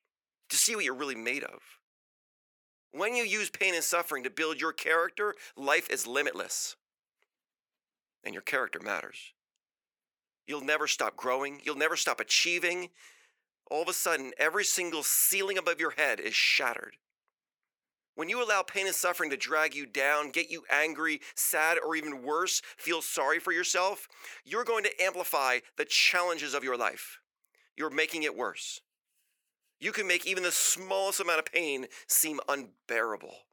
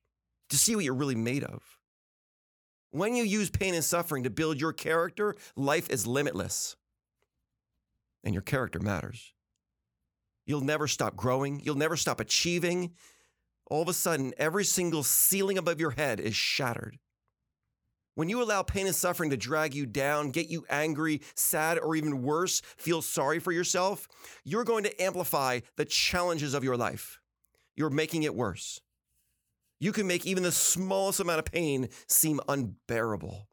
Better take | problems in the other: second | thin; very; fading below 350 Hz

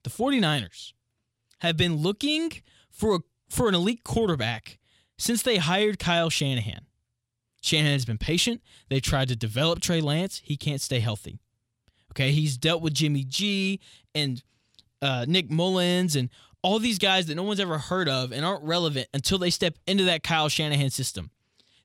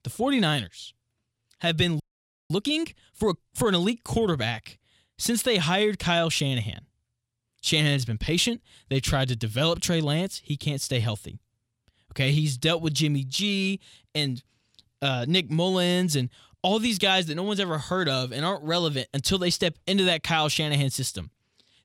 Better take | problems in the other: first | audio freezing; at 2 s for 0.5 s

